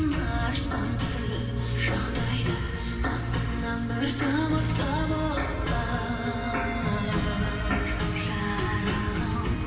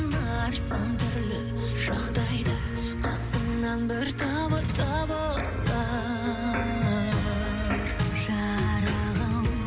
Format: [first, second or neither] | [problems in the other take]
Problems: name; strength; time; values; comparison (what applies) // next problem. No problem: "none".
second | room echo; dies away in 2.9 s